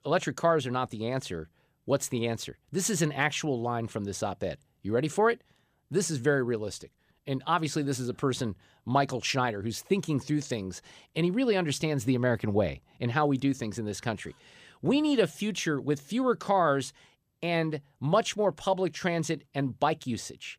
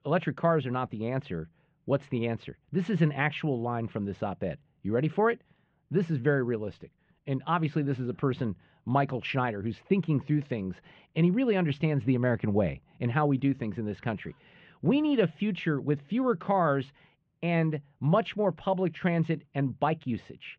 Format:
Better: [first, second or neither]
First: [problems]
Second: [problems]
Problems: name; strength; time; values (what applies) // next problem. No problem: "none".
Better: first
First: none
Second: muffled; very; fading above 2.5 kHz